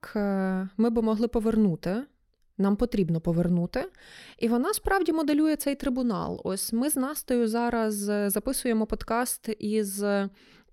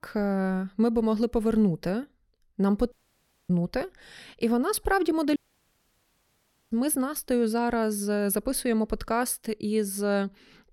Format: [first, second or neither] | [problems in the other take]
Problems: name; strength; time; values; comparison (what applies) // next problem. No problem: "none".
first | audio cutting out; at 3 s for 0.5 s and at 5.5 s for 1.5 s